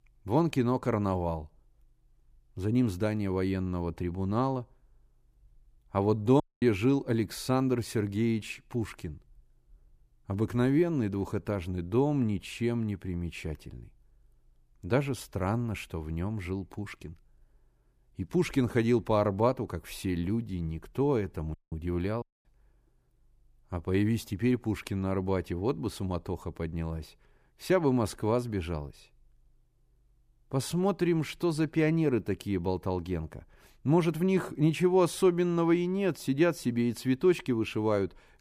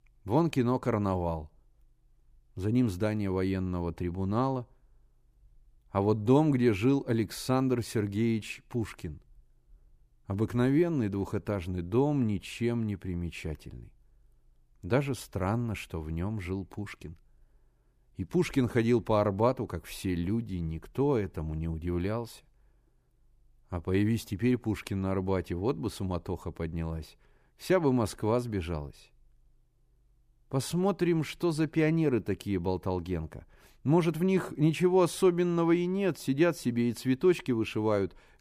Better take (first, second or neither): second